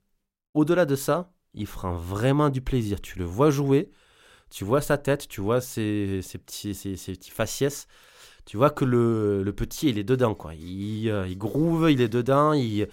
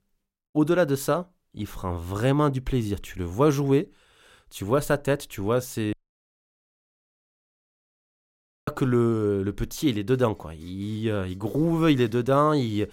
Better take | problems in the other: first | audio cutting out; at 6 s for 2.5 s

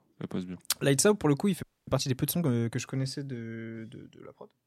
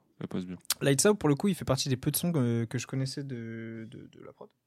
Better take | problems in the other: second | audio freezing; at 1.5 s

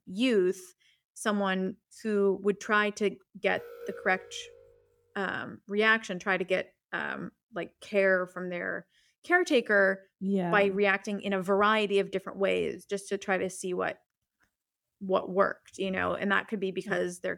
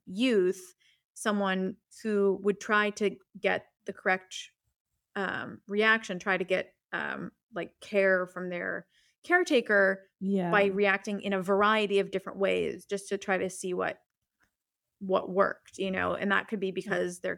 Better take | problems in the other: second | alarm; faint; from 3.5 to 4.5 s; peak 15 dB below the speech

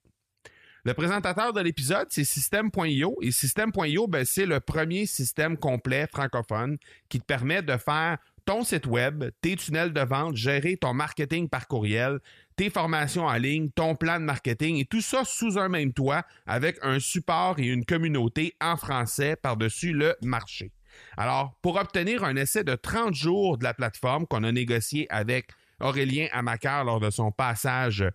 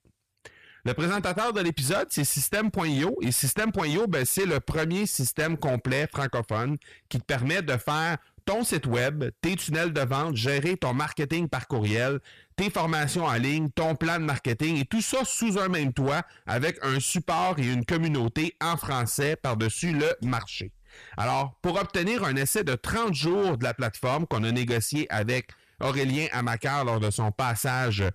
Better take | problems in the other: first | distortion; slight; 13% of the sound clipped

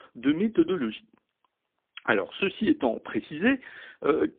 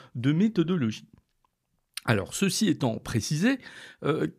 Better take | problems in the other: second | phone-call audio; poor line

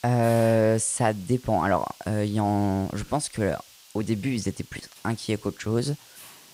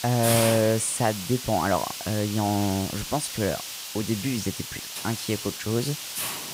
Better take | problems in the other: first | hiss; loud; throughout; 5 dB below the speech; faint in the first

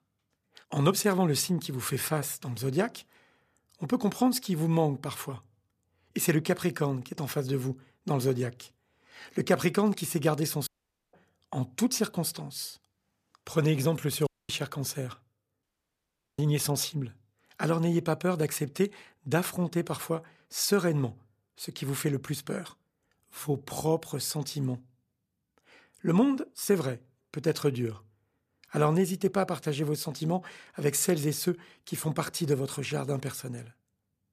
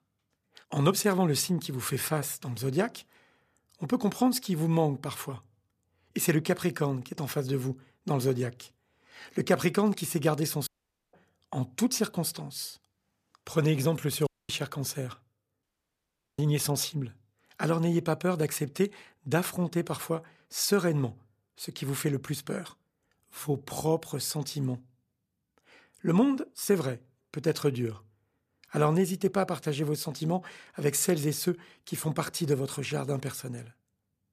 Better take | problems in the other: neither | audio cutting out; at 11 s, at 14 s and at 16 s for 0.5 s; the same in both

